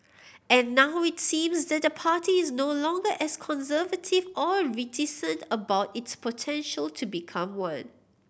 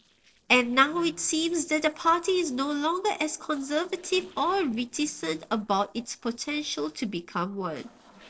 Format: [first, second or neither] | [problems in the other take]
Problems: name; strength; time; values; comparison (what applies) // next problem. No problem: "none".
first | noise reduction (neural separator model SepFormer DNS4)